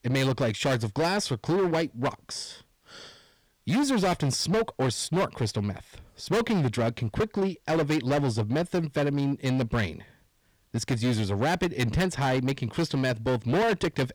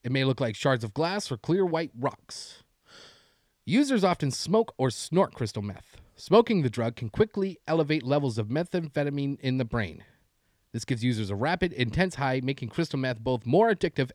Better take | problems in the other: second | distortion; heavy; 16% of the sound clipped

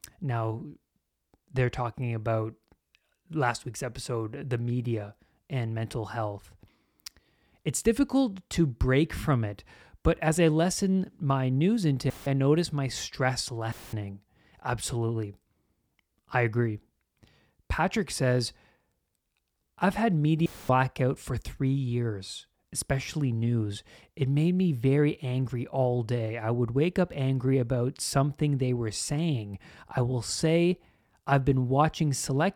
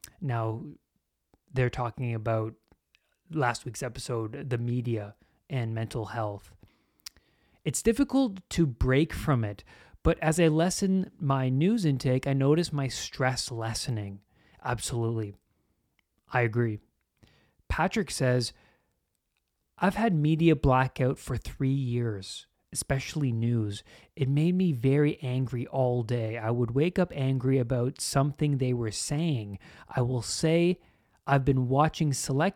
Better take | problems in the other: second | audio cutting out; filled with static; at 12 s, at 14 s and at 20 s

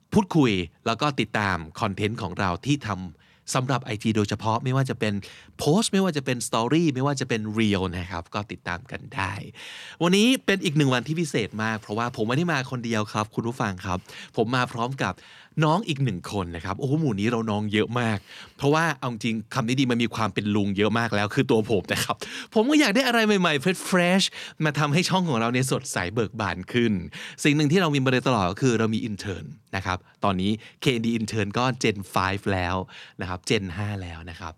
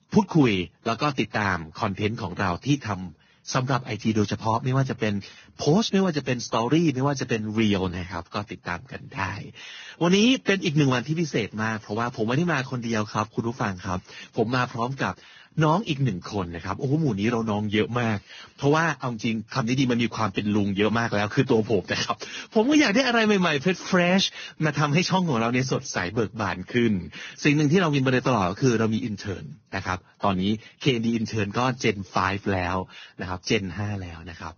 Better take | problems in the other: first | garbled, watery; badly; nothing above 6.5 kHz

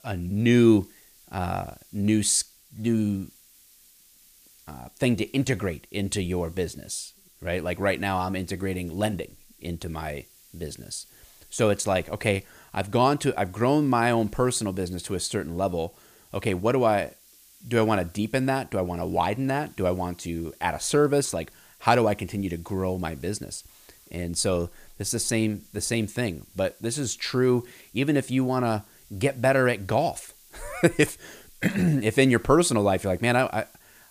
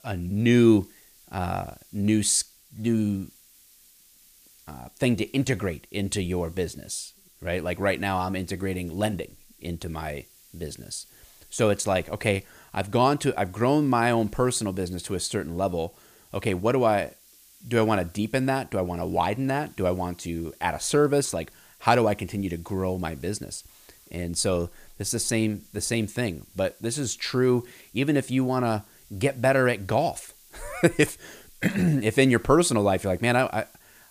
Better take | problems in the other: neither | hiss; faint; throughout; 25 dB below the speech; the same in both

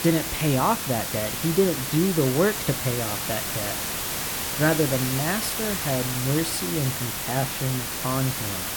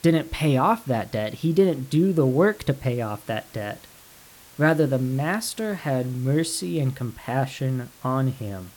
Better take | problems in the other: second | hiss; loud; throughout; 1 dB below the speech; faint in the second

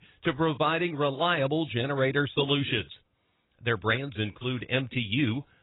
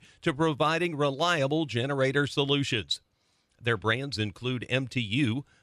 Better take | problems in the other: second | garbled, watery; badly; nothing above 4 kHz

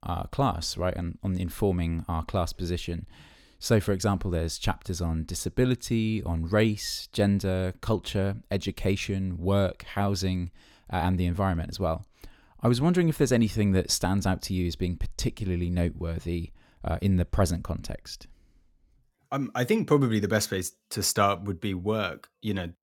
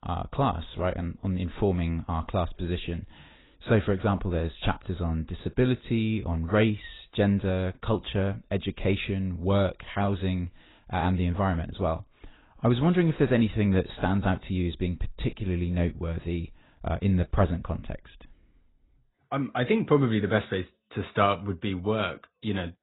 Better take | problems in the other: first | garbled, watery; badly; nothing above 4 kHz

